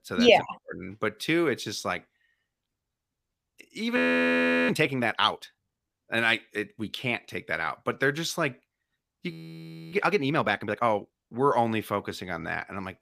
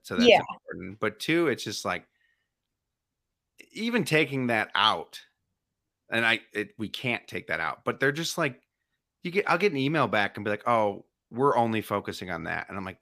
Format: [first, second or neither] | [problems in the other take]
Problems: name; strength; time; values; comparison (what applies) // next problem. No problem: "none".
second | audio freezing; at 4 s for 0.5 s and at 9.5 s for 0.5 s